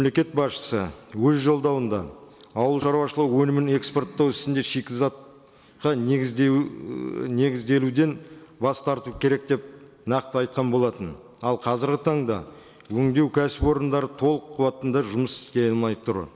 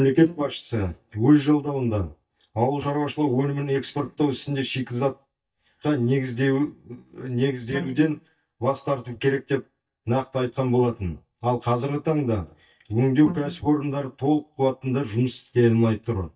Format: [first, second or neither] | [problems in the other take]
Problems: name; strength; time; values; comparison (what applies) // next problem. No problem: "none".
first | noise reduction (neural mask model DeepFilterNet 3)